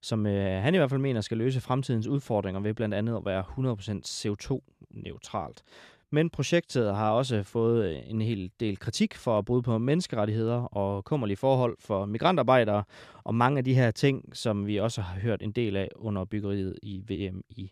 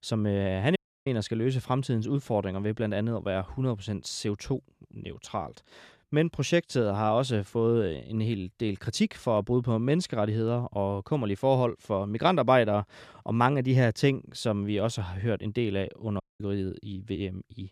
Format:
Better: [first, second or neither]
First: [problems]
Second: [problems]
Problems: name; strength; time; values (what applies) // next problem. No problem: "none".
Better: first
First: none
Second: audio cutting out; at 1 s and at 16 s